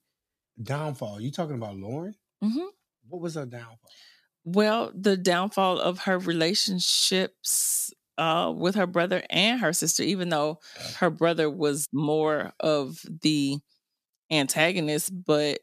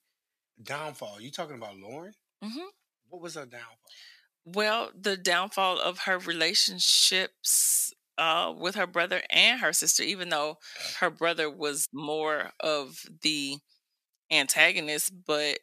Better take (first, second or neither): first